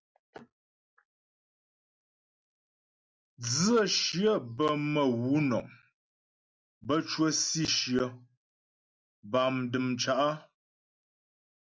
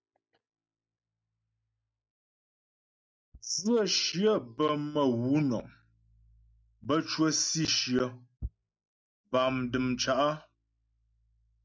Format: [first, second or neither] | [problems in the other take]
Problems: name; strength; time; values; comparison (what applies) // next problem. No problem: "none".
first | noise reduction (neural mask model DeepFilterNet 3)